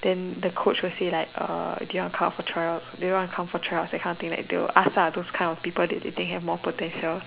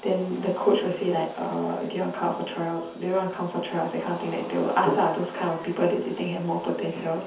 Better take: first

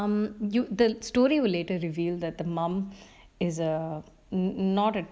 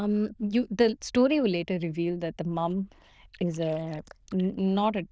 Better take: first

